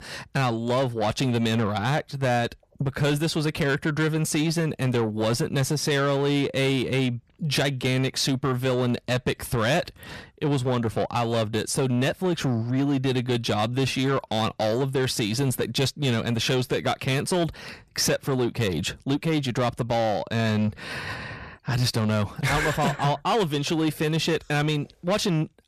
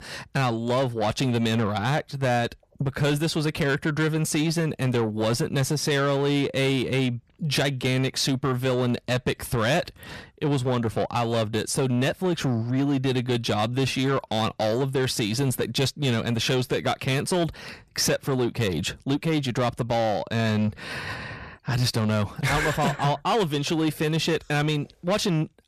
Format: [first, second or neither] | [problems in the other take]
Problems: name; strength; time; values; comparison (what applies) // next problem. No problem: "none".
neither | distortion; slight; 10 dB below the speech; the same in both